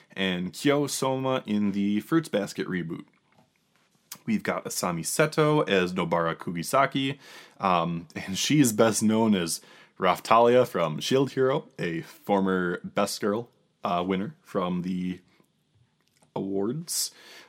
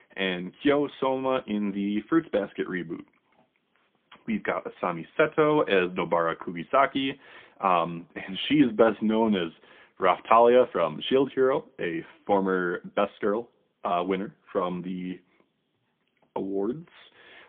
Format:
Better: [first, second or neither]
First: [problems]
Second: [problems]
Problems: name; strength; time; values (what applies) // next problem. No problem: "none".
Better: first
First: none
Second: phone-call audio; poor line; nothing above 3.5 kHz